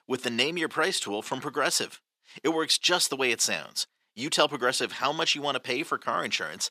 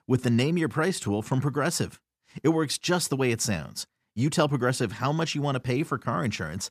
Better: second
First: thin; somewhat; fading below 450 Hz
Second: none

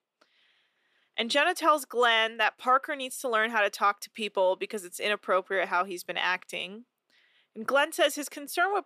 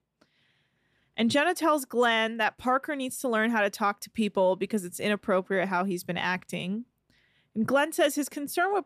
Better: second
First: thin; somewhat; fading below 450 Hz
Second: none

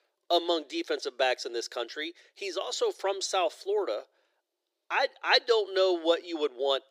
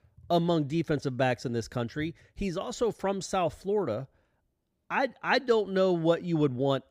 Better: second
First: thin; very; fading below 350 Hz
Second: none

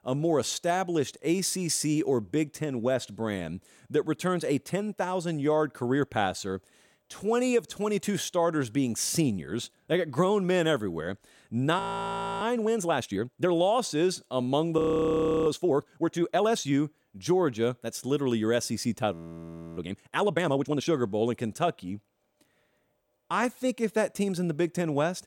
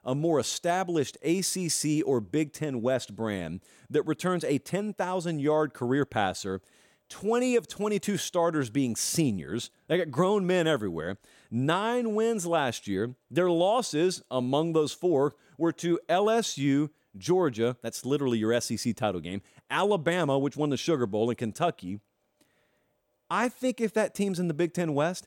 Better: second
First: audio freezing; at 12 s for 0.5 s, at 15 s for 0.5 s and at 19 s for 0.5 s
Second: none

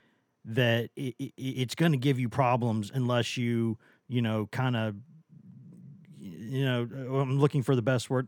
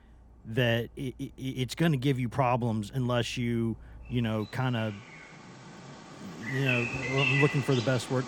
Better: first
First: none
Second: animal sounds; loud; throughout; 1 dB below the speech

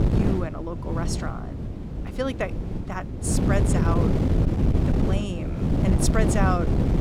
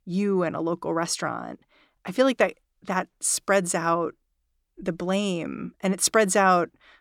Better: second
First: wind noise on the microphone; heavy; 1 dB below the speech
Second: none

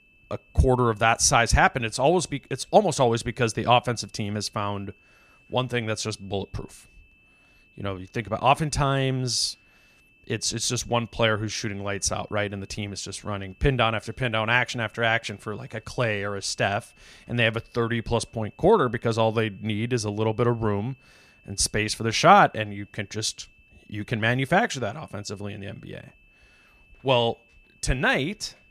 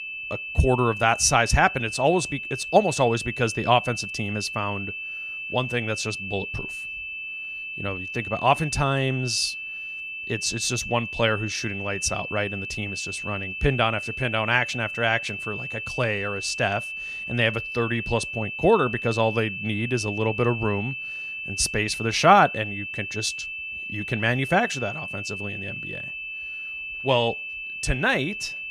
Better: first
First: high-pitched whine; faint; throughout; 2.5 kHz, 30 dB below the speech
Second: high-pitched whine; loud; throughout; 2.5 kHz, 7 dB below the speech

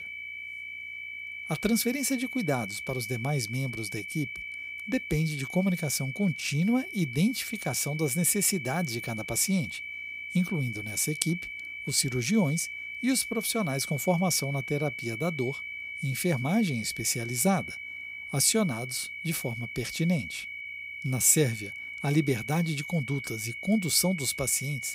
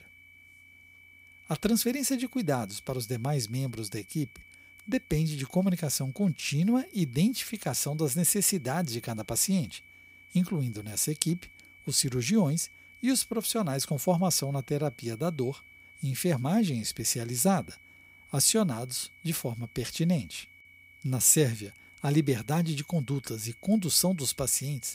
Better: second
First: high-pitched whine; loud; throughout; 2.5 kHz, 8 dB below the speech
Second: high-pitched whine; faint; throughout; 2.5 kHz, 25 dB below the speech

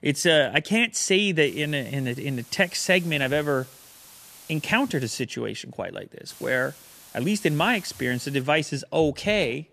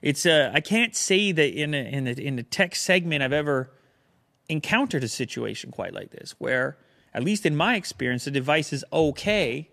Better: second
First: hiss; faint; from 1.5 to 5 s and from 6.5 to 8.5 s; 20 dB below the speech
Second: none

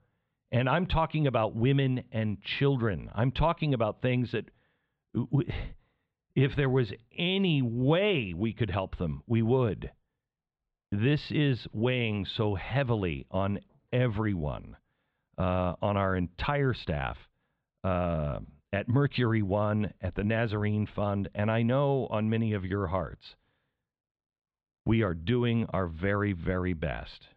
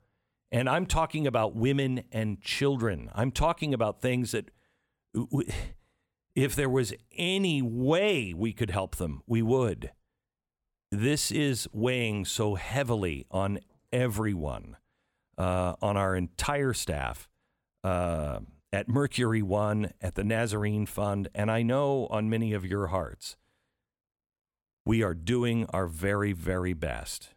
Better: second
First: muffled; slightly; fading above 3.5 kHz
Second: none

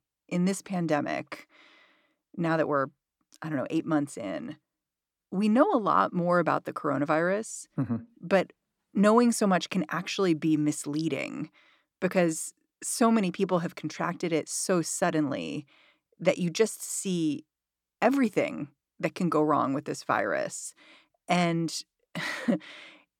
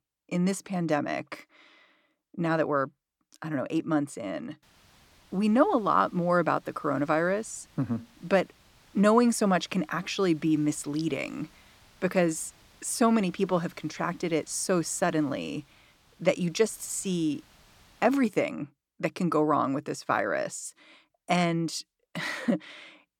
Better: first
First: none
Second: hiss; faint; from 4.5 to 18 s; 30 dB below the speech

